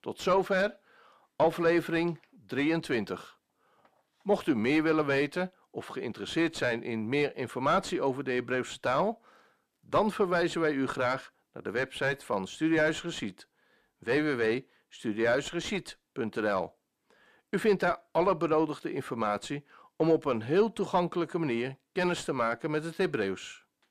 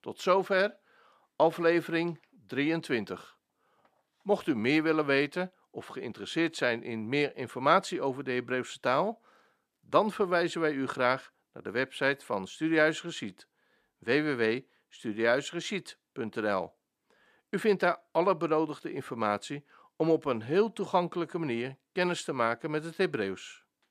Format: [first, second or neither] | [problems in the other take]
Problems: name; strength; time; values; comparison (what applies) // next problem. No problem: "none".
second | distortion; slight; 10 dB below the speech